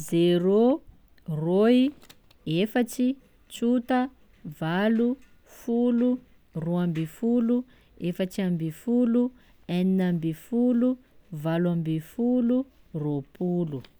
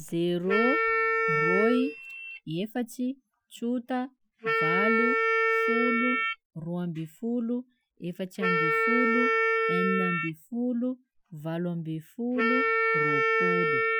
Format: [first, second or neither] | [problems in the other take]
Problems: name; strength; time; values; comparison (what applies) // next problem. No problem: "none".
first | noise reduction (classical method Wiener filter)